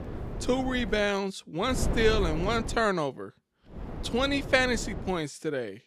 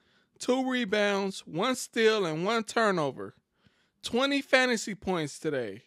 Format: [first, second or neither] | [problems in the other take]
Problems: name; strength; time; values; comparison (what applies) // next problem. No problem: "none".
second | wind noise on the microphone; occasional gusts; until 1 s, from 1.5 to 3 s and from 4 to 5 s; 15 dB below the speech